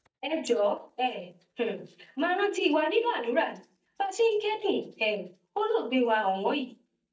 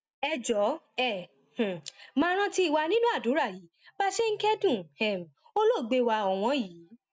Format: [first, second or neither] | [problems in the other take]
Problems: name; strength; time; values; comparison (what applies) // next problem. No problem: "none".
second | noise reduction (neural mask model DeepFilterNet 3)